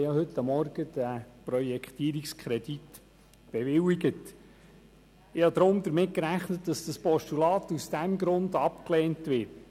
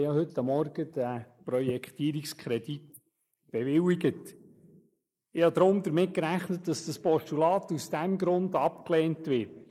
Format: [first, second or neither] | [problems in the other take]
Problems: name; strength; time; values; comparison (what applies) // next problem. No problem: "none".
first | noise reduction (neural mask model Resemble Enhance denoiser)